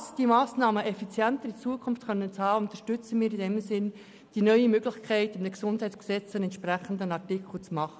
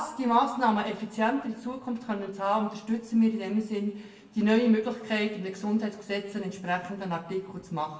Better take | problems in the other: first | room echo; dies away in 0.7 s

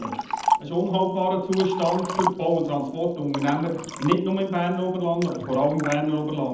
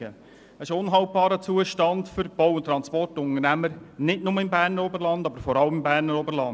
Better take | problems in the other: second | background sound (Liquid); 8 dB below the speech // room echo; dies away in 0.8 s

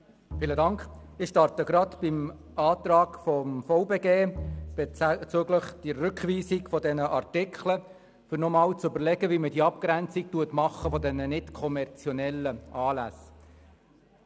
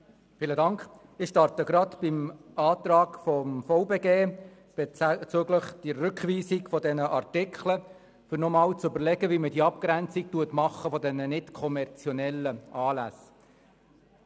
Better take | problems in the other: second | background sound (Bowed string instrument); 15 dB below the speech

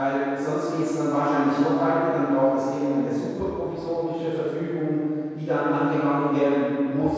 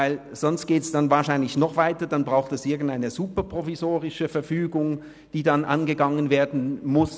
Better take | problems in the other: second | room echo; dies away in 2.2 s

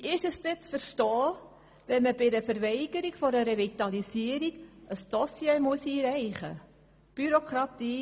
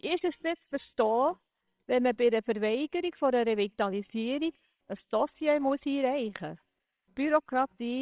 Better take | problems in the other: first | noise reduction (neural separator model SepFormer WHAMR!)

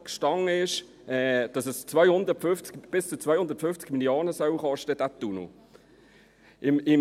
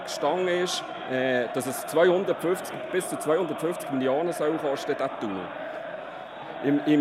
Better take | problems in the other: first | background sound (Crowd); 8 dB below the speech

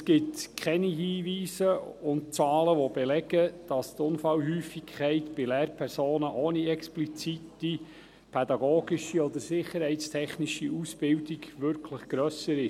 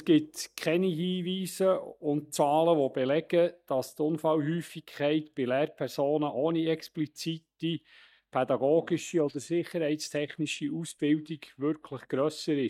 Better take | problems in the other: first | noise reduction (neural mask model DeepFilterNet 3)

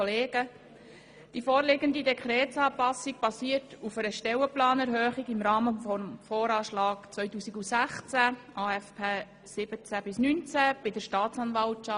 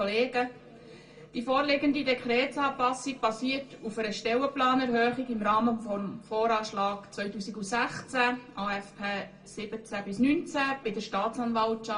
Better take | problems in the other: first | room echo; dies away in 0.2 s

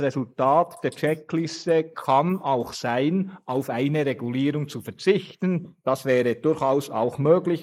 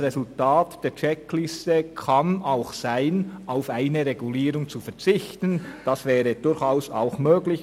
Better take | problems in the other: second | noise reduction (neural mask model Resemble Enhance denoiser)

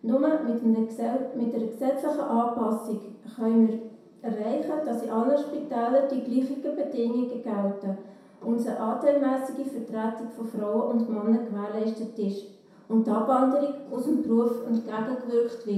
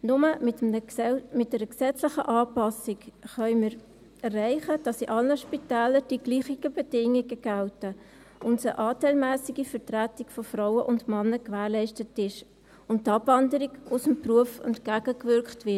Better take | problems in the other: second | room echo; dies away in 0.7 s

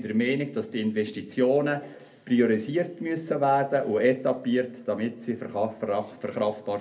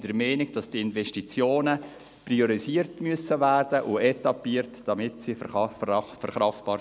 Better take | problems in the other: second | room echo; dies away in 0.3 s

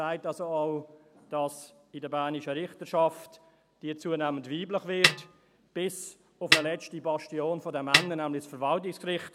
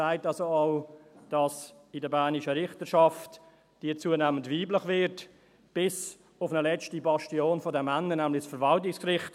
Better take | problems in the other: second | background sound (Snare drum); 4 dB above the speech

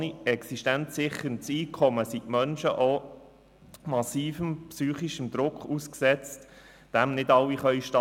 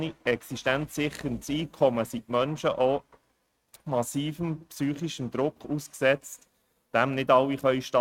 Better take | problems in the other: first | noise reduction (neural mask model RNNoise)

